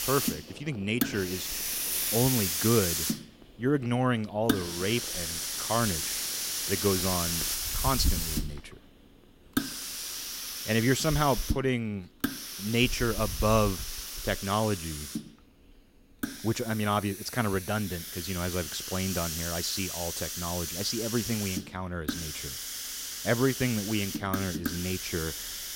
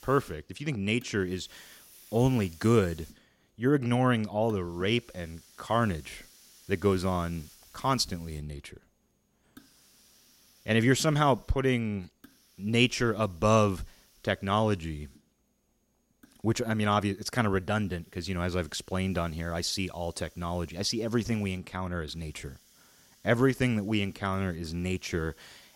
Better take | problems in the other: second | hiss; loud; throughout; 2 dB below the speech; faint in the second

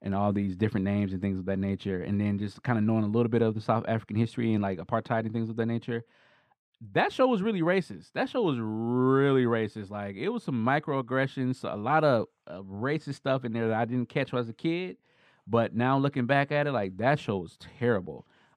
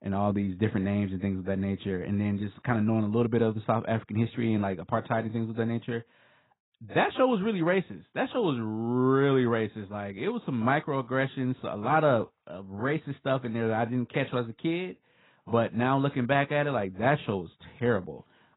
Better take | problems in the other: first | garbled, watery; badly; nothing above 4 kHz

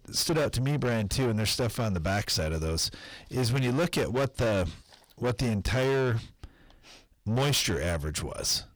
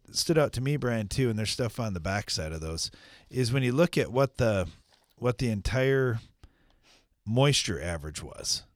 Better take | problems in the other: second | distortion; heavy; 6 dB below the speech

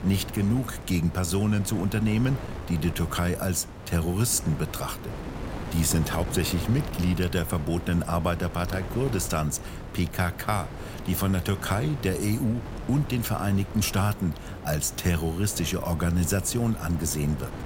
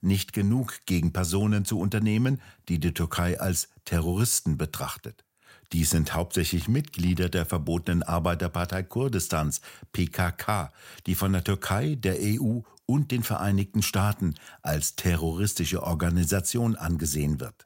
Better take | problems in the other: second | wind noise on the microphone; occasional gusts; 10 dB below the speech

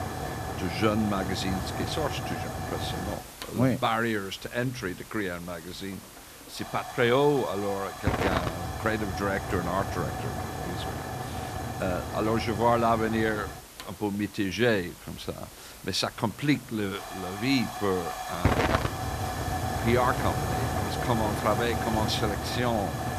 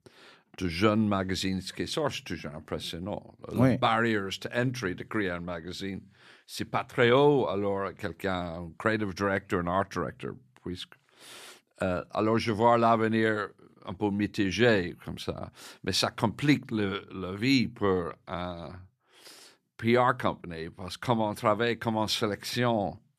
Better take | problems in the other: second | hiss; loud; throughout; 3 dB below the speech

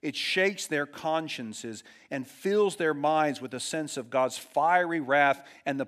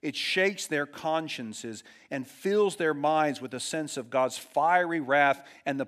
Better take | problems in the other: neither | none

